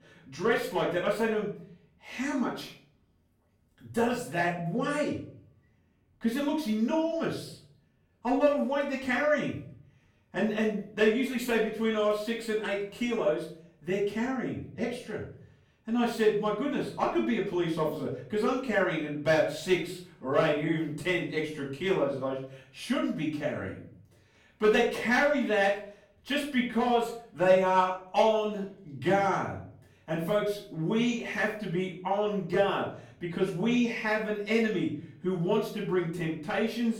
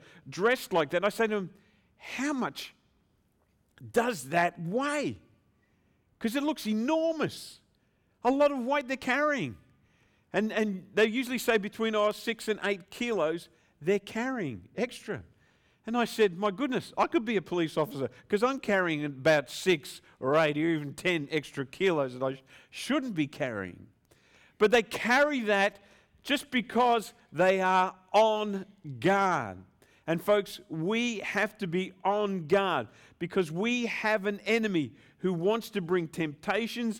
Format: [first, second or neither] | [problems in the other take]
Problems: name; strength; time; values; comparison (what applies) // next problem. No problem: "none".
second | off-mic speech; far // room echo; noticeable; dies away in 0.5 s